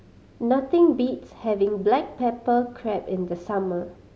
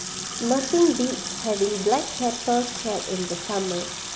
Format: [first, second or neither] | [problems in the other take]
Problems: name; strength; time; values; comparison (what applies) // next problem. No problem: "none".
first | background sound (Sink (filling or washing) / Water tap, faucet); 7 dB below the speech